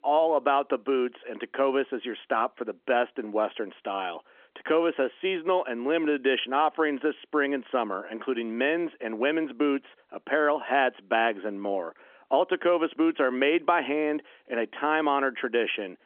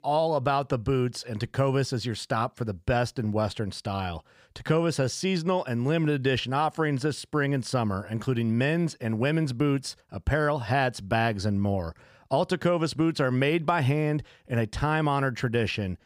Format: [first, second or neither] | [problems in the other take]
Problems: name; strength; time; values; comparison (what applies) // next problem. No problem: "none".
second | phone-call audio; nothing above 3.5 kHz